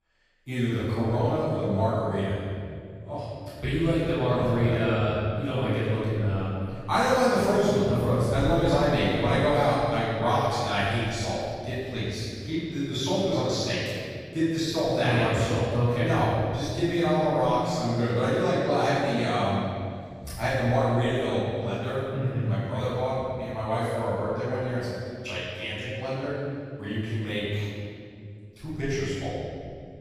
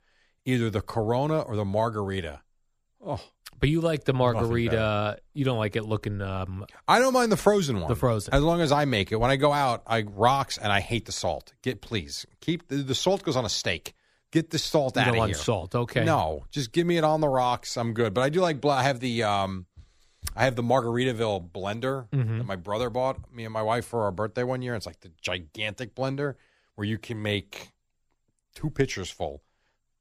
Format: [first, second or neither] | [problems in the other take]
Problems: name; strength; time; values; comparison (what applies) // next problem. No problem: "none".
second | off-mic speech; far // room echo; strong; dies away in 2.3 s